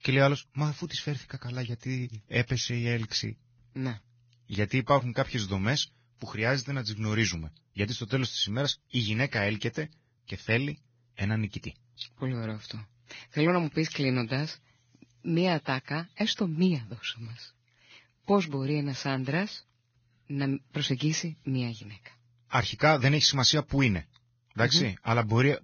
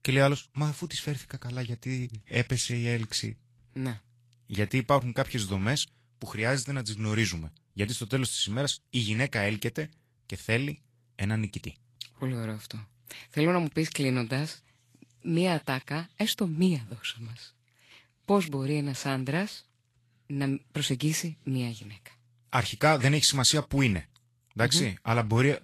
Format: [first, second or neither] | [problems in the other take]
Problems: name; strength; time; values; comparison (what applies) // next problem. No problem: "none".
second | garbled, watery; badly; nothing above 6.5 kHz; slightly in the second